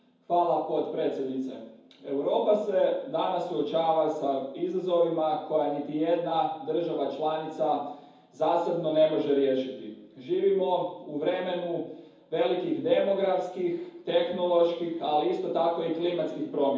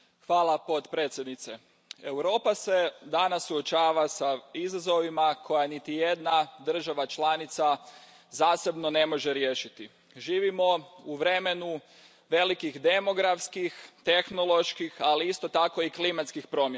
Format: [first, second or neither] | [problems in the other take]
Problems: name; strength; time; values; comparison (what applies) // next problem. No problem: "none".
second | room echo; dies away in 0.9 s